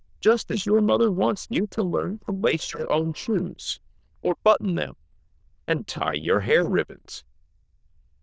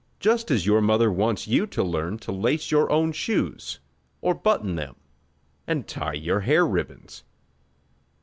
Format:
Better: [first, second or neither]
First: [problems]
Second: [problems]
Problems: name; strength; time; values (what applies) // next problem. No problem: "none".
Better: second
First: noise reduction (neural diffusion model UNIVERSE++)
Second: none